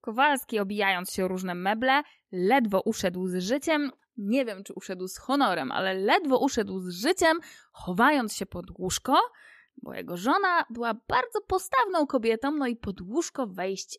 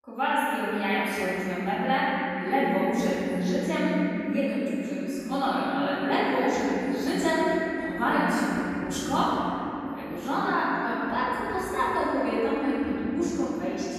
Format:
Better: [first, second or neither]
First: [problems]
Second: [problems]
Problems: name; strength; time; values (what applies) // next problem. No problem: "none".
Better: first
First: none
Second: off-mic speech; far // room echo; strong; dies away in 3 s